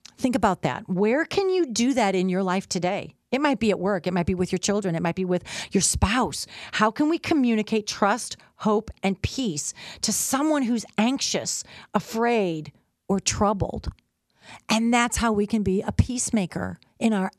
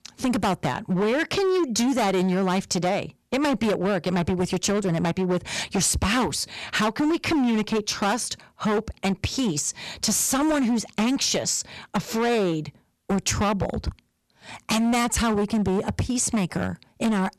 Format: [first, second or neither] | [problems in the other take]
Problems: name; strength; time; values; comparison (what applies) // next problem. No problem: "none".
first | distortion; heavy; 19% of the sound clipped